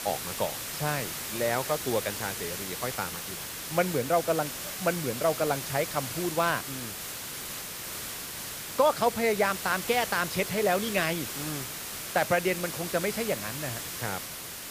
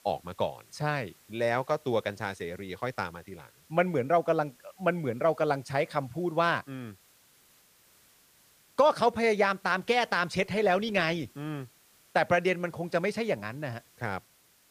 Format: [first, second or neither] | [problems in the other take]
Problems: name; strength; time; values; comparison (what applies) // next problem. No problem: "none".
second | hiss; loud; throughout; 5 dB below the speech; faint in the second